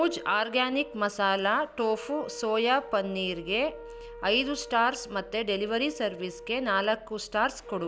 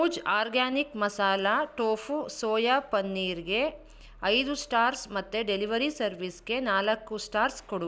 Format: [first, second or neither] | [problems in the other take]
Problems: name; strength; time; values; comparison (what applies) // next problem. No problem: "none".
second | background sound (Wind instrument, woodwind instrument); 16 dB below the speech